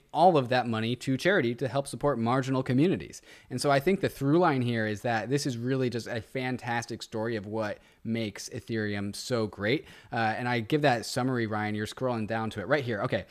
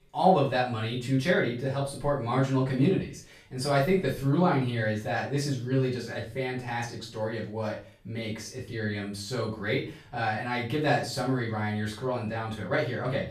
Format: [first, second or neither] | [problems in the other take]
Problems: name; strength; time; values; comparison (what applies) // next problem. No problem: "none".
first | room echo; slight; dies away in 0.3 s // off-mic speech; far